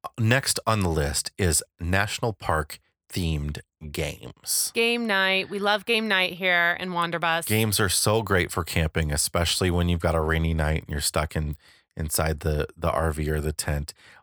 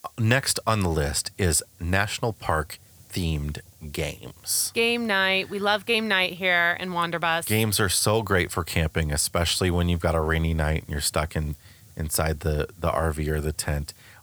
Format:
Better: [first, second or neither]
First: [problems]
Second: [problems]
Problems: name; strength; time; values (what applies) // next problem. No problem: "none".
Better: first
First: none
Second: hiss; faint; throughout; 25 dB below the speech